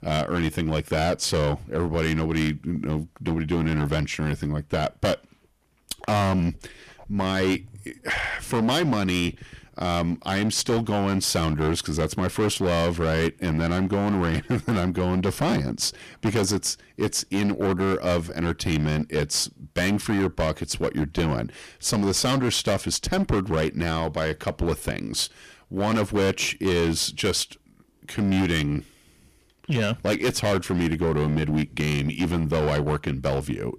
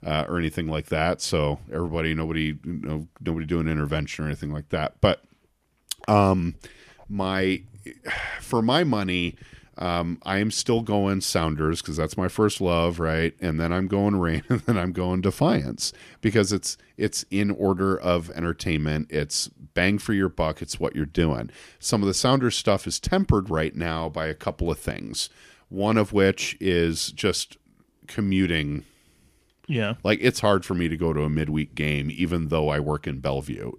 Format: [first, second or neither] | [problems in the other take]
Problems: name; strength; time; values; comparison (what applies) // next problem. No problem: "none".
second | distortion; heavy; 16% of the sound clipped